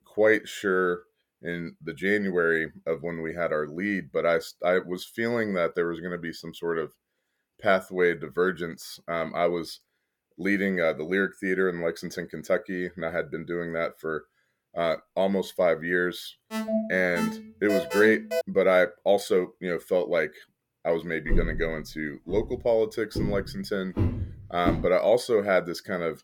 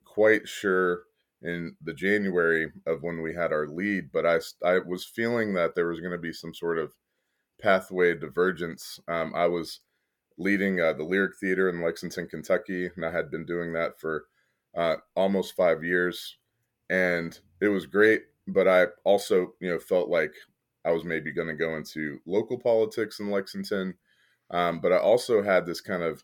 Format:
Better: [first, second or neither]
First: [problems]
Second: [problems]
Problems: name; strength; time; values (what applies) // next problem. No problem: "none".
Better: second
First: alarm; noticeable; from 17 to 18 s; peak 1 dB below the speech // footsteps; noticeable; from 21 to 25 s; peak 2 dB below the speech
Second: none